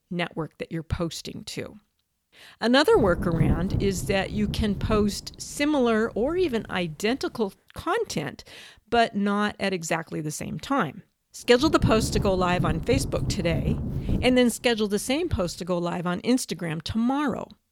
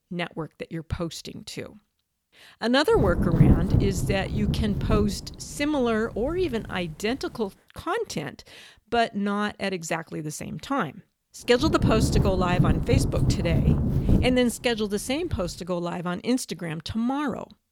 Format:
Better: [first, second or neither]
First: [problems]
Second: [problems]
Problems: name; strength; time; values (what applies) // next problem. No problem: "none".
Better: first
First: wind noise on the microphone; occasional gusts; from 3 to 7.5 s and from 11 to 16 s; 10 dB below the speech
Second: wind noise on the microphone; heavy; from 3 to 7.5 s and from 11 to 16 s; 5 dB below the speech